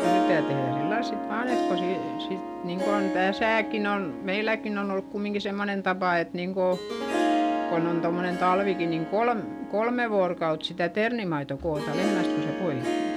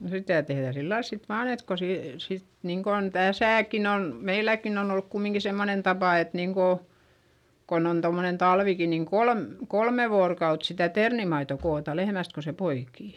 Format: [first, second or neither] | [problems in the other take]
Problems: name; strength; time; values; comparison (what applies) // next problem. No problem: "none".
second | background sound (Harp); 2 dB below the speech